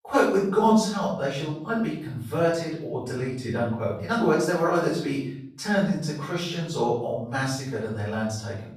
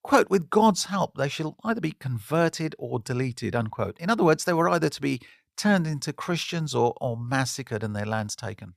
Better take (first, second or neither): second